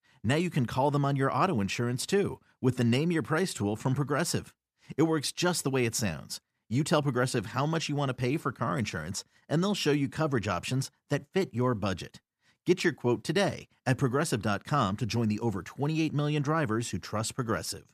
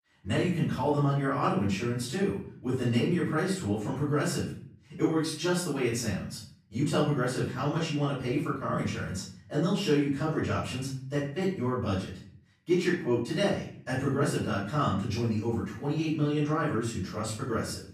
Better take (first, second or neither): first